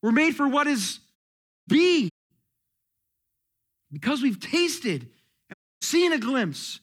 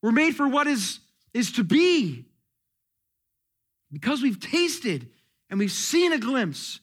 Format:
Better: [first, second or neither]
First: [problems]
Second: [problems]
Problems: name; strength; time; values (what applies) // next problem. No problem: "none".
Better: second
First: audio cutting out; at 1 s for 0.5 s, at 2 s and at 5.5 s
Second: none